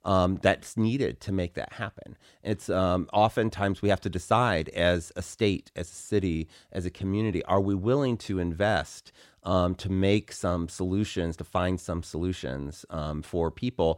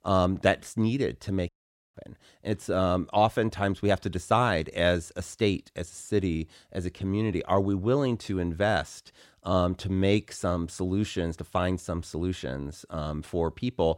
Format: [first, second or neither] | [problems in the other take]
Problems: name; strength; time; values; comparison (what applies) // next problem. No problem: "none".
first | audio cutting out; at 1.5 s